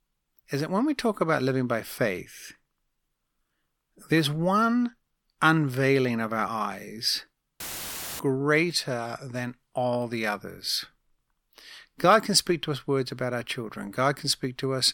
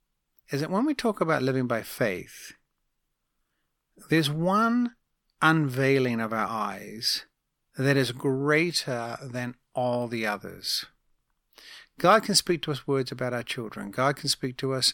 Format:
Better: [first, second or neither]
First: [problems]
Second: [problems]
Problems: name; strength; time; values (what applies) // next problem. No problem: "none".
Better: second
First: audio cutting out; filled with static; at 7.5 s for 0.5 s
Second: none